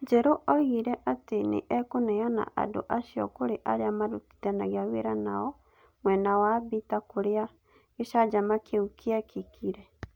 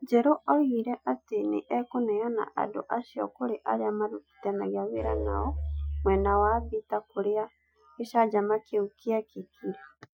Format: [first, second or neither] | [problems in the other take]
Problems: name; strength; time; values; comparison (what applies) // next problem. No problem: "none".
first | noise reduction (classical method Wiener filter)